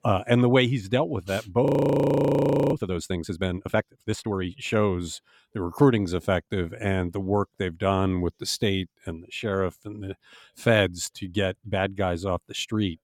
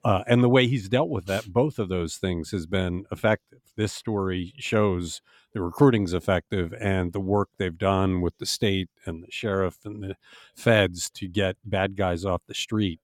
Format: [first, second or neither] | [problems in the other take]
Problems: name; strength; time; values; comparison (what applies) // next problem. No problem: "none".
second | audio freezing; at 1.5 s for 1 s